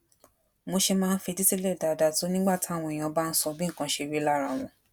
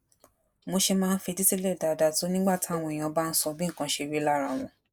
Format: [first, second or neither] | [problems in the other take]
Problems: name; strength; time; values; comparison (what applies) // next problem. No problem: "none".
first | noise reduction (neural mask model Resemble Enhance denoiser)